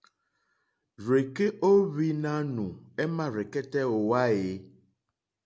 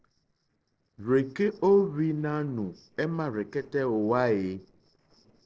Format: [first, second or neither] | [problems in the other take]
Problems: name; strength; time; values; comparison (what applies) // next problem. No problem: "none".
first | noise reduction (neural separator model SepFormer DNS4)